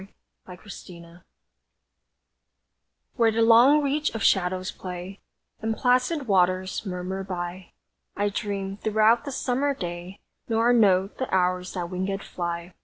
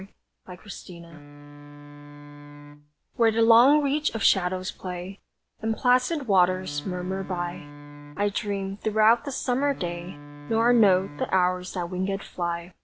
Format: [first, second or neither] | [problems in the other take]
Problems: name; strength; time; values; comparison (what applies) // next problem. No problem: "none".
first | background sound (Wind instrument, woodwind instrument); 16 dB below the speech